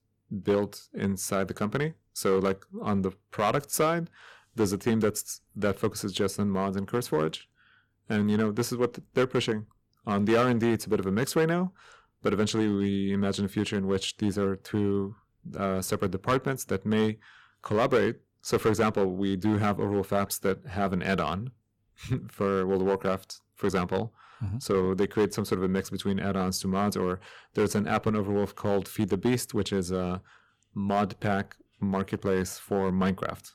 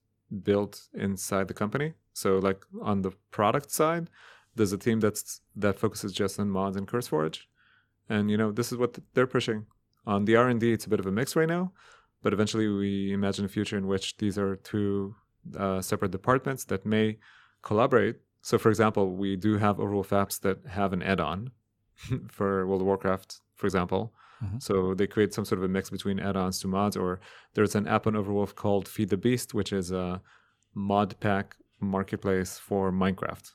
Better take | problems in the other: second | distortion; slight; 3% of the sound clipped

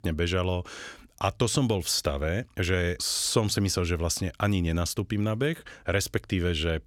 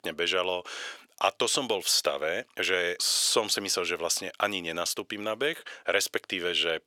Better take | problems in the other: first | thin; very; fading below 550 Hz

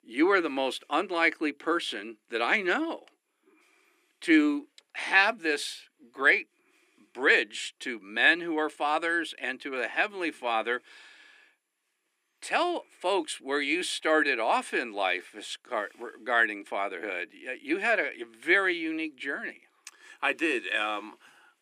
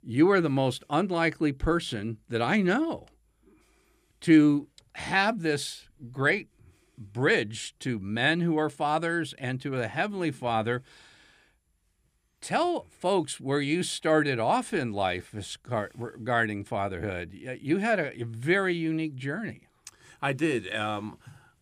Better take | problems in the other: second | thin; somewhat; fading below 300 Hz

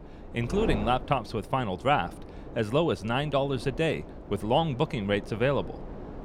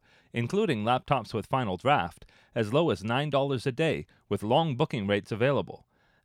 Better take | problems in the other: second | wind noise on the microphone; occasional gusts; 15 dB below the speech

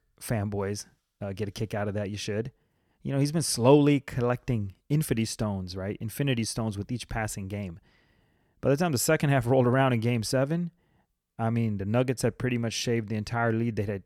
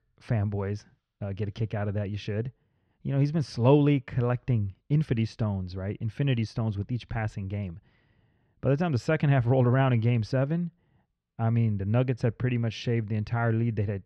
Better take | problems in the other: first | muffled; slightly; fading above 4 kHz

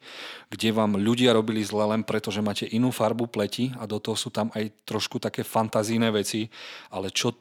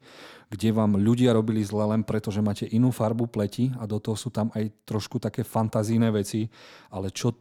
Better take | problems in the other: second | thin; very slightly; fading below 400 Hz

